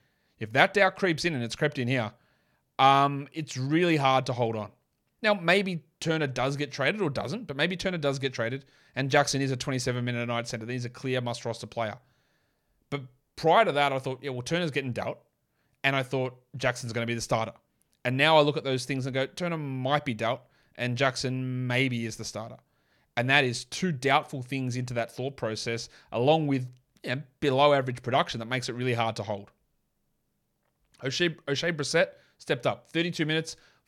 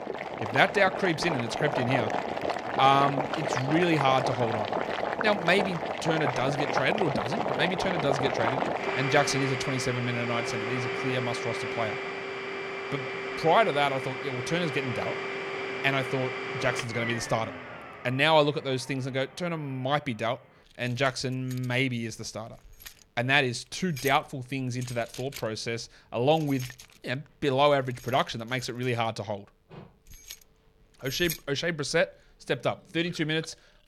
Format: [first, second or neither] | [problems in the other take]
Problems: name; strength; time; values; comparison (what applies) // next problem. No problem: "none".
first | household noises; loud; throughout; 4 dB below the speech